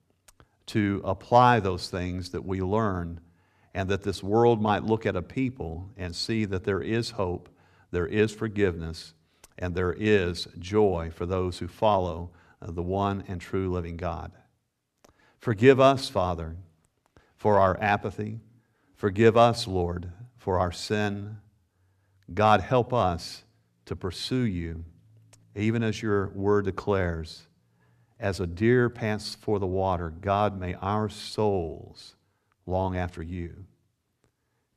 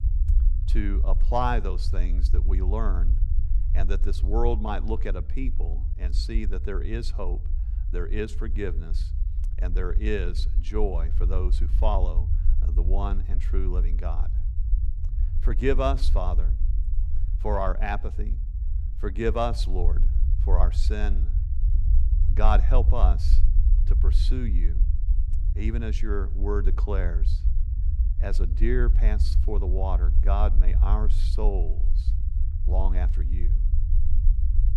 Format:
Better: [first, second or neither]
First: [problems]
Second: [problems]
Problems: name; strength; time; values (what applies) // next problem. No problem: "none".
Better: first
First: none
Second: low rumble; noticeable; throughout; 15 dB below the speech